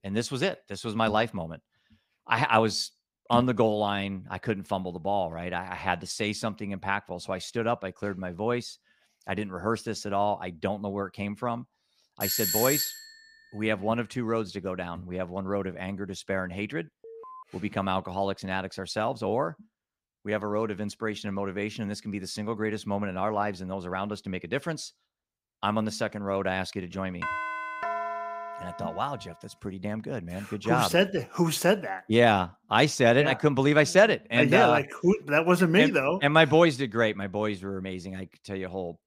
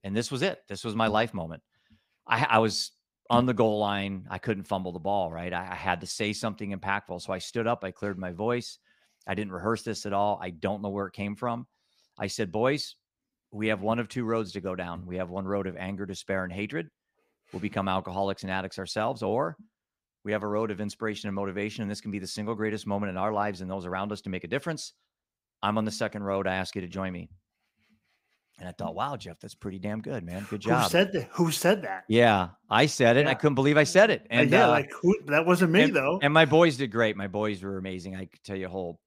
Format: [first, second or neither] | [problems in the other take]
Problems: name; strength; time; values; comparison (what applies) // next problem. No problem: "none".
second | doorbell; loud; at 12 s; peak 2 dB above the speech // alarm; faint; at 17 s; peak 20 dB below the speech // doorbell; noticeable; from 27 to 29 s; peak 4 dB below the speech